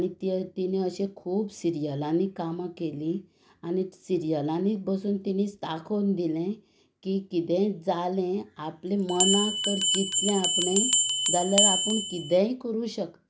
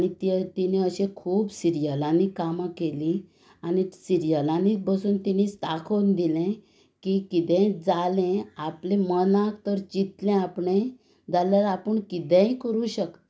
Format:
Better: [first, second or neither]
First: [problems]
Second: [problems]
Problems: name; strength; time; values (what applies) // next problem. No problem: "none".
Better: second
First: background sound (Bell); 3 dB above the speech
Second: none